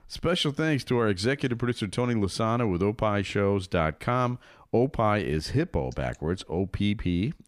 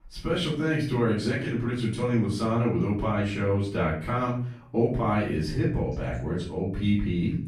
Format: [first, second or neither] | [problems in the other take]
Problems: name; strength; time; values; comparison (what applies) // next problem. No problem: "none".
first | off-mic speech; far // room echo; noticeable; dies away in 0.5 s